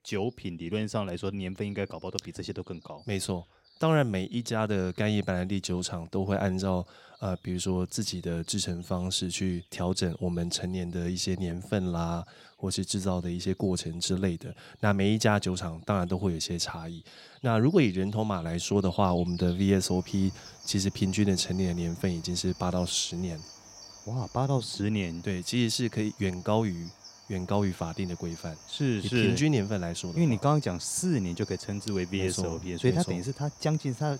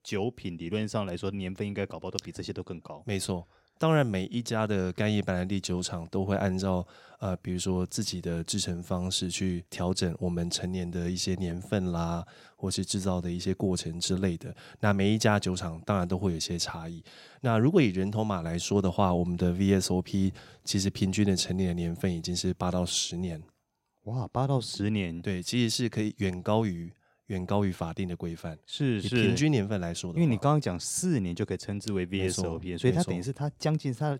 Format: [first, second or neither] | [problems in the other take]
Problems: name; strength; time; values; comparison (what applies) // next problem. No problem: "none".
second | animal sounds; faint; throughout; 20 dB below the speech